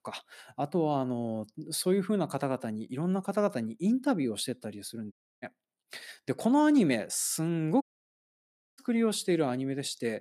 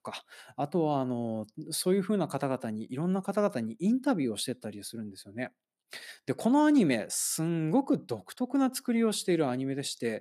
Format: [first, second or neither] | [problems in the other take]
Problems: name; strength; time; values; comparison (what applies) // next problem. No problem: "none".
second | audio cutting out; at 5 s and at 8 s for 1 s